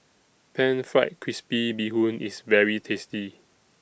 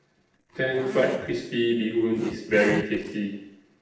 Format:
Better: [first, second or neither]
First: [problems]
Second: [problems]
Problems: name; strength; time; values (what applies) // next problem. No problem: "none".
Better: first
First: none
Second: noise reduction (neural separator model SepFormer DNS4)